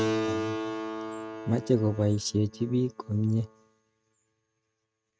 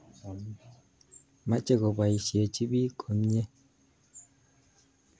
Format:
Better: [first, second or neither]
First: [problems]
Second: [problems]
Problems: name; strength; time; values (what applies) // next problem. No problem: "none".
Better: second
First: noise reduction (neural mask model RNNoise)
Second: none